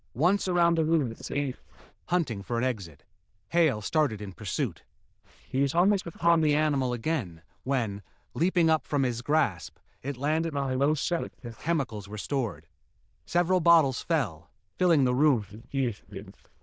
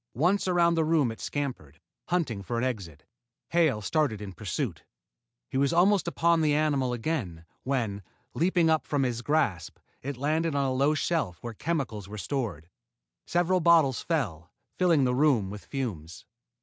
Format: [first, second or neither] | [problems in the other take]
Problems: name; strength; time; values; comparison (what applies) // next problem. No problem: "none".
second | noise reduction (neural diffusion model UNIVERSE++)